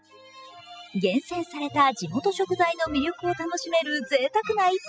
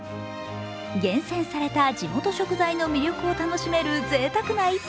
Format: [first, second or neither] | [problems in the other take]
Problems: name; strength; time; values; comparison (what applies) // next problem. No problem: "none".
second | noise reduction (classical method spectral subtraction)